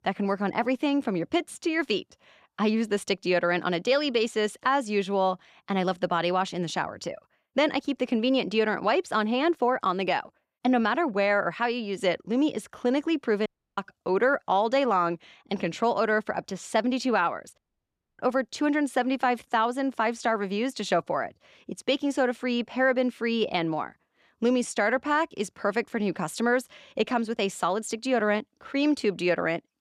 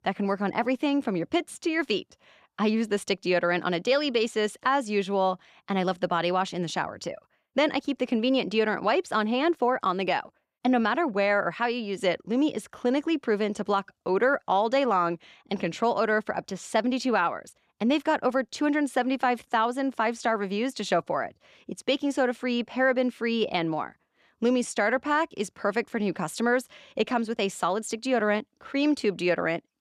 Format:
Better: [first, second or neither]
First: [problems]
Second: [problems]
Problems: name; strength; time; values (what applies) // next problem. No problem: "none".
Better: second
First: audio cutting out; at 13 s and at 18 s for 0.5 s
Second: none